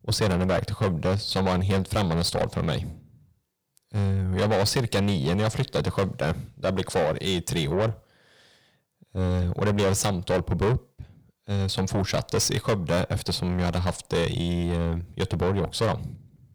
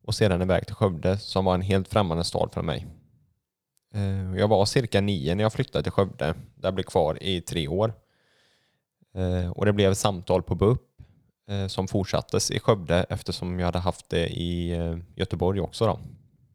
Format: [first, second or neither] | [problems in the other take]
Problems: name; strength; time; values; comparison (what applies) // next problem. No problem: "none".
second | distortion; heavy; 6 dB below the speech